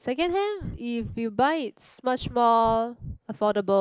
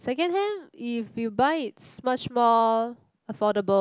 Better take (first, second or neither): second